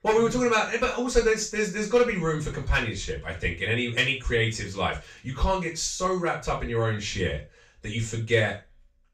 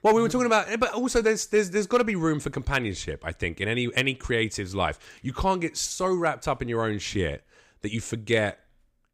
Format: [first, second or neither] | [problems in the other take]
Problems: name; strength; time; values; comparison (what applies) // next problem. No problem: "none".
second | room echo; slight; dies away in 0.3 s // off-mic speech; far